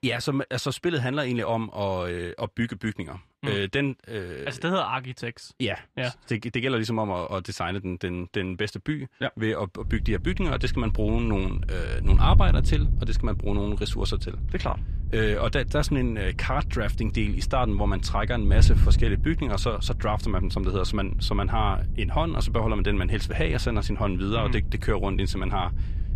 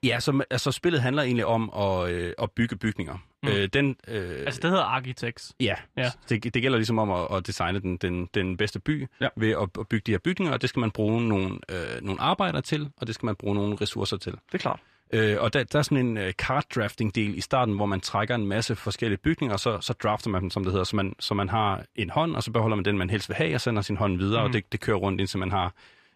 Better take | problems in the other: second | wind noise on the microphone; occasional gusts; from 10 s on; 15 dB below the speech

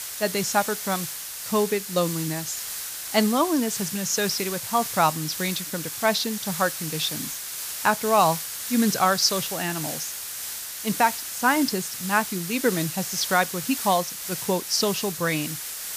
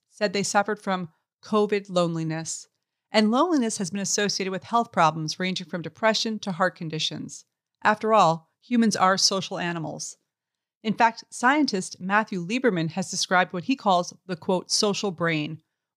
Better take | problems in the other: second | hiss; loud; throughout; 5 dB below the speech

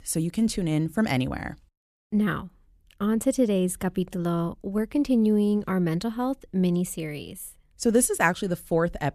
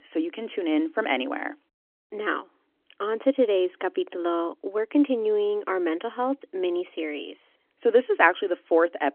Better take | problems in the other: first | phone-call audio

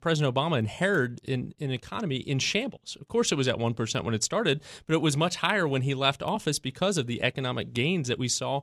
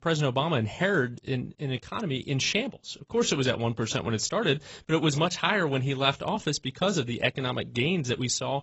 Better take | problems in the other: first | garbled, watery; badly; nothing above 8 kHz

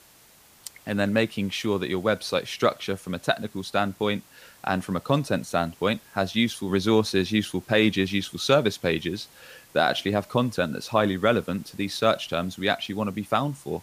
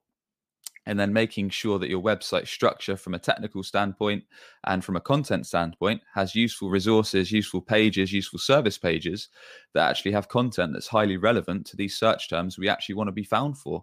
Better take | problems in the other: second | hiss; faint; throughout; 25 dB below the speech

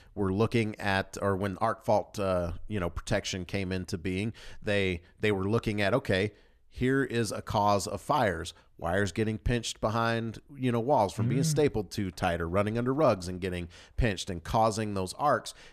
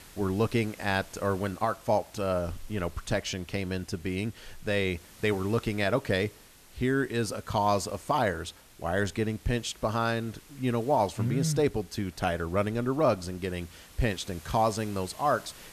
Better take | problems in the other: first | hiss; faint; throughout; 20 dB below the speech

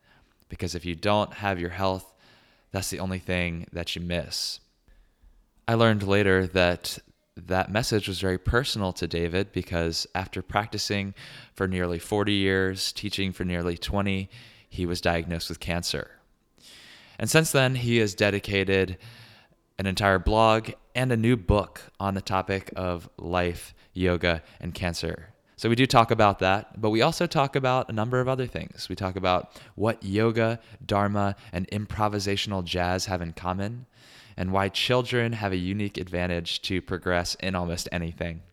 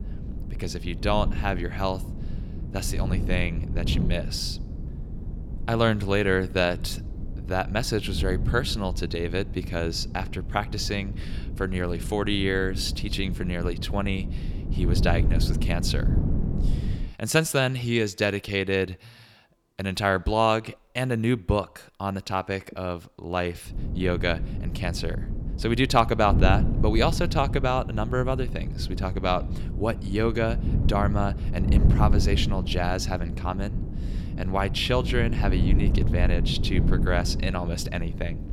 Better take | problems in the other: first | wind noise on the microphone; occasional gusts; until 17 s and from 24 s on; 15 dB below the speech

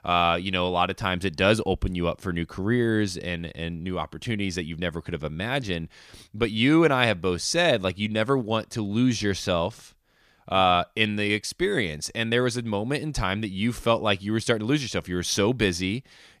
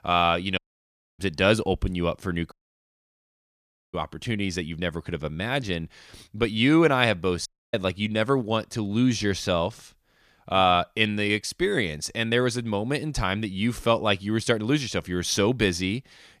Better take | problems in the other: first | audio cutting out; at 0.5 s for 0.5 s, at 2.5 s for 1.5 s and at 7.5 s

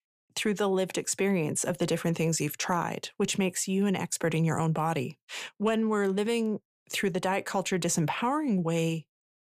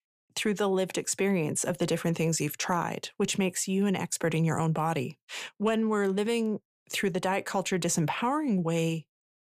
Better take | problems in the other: neither | none

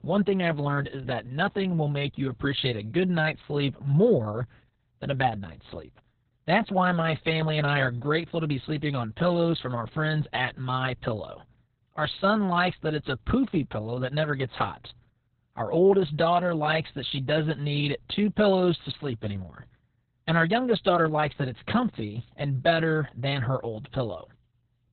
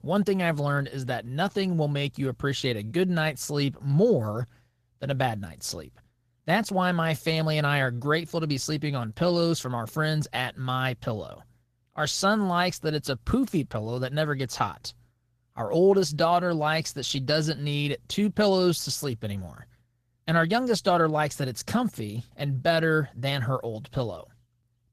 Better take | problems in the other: second | garbled, watery; badly; nothing above 4 kHz; slightly in the second

